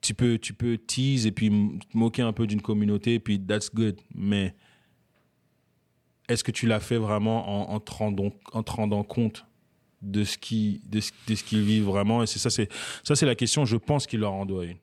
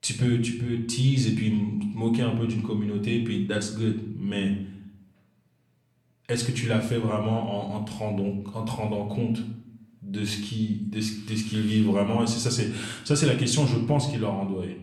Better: first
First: none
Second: room echo; slight; dies away in 0.6 s // off-mic speech; somewhat distant

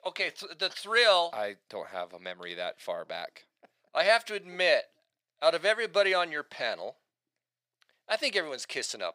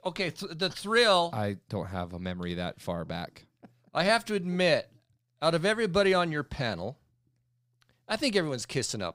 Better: second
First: thin; very; fading below 500 Hz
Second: none

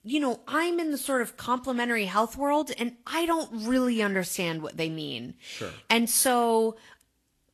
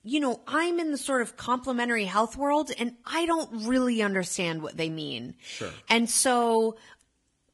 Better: first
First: garbled, watery; slightly; nothing above 12.5 kHz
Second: garbled, watery; badly; nothing above 11.5 kHz

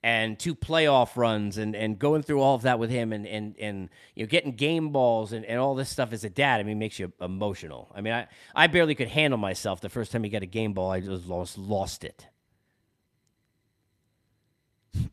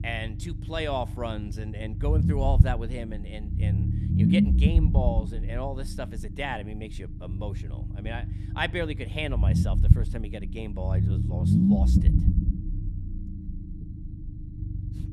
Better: first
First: none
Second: low rumble; loud; throughout; 2 dB below the speech

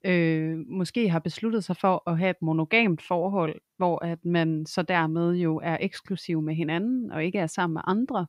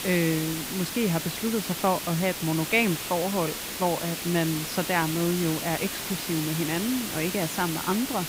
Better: first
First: none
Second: hiss; loud; throughout; 4 dB below the speech

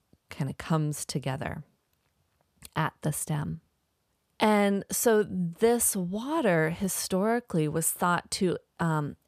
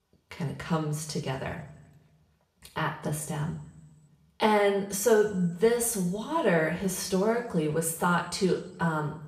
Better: first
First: none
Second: room echo; slight; dies away in 0.7 s // off-mic speech; somewhat distant

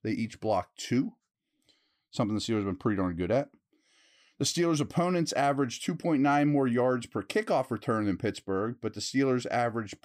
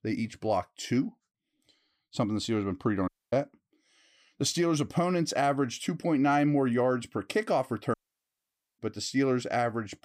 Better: first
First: none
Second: audio cutting out; at 3 s and at 8 s for 1 s

